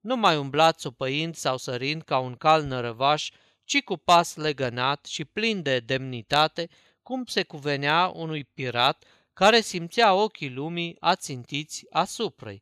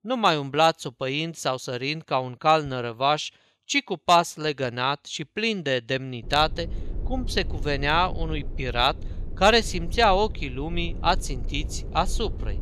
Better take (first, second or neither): first